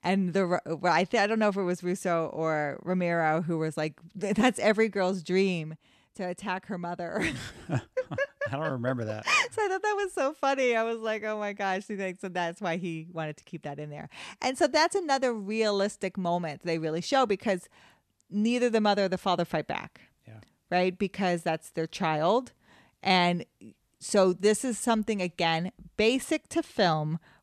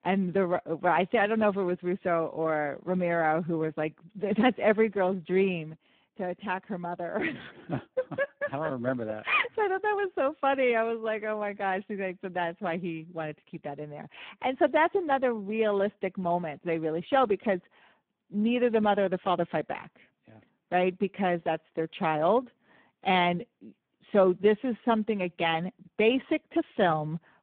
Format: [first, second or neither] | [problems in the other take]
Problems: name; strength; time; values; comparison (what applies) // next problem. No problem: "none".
first | phone-call audio; poor line